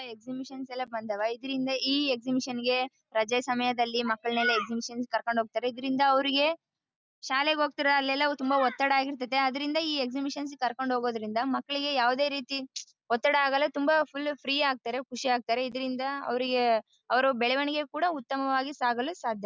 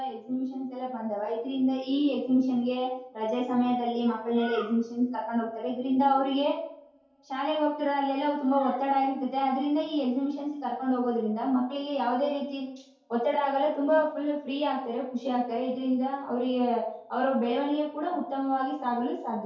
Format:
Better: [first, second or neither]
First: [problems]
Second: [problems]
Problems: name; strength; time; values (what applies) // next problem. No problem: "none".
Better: first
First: none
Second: room echo; dies away in 2.4 s